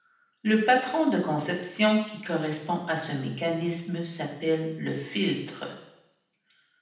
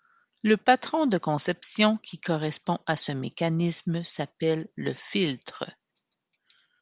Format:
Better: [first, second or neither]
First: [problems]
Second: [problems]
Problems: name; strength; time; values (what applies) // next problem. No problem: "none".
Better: second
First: room echo; dies away in 0.8 s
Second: none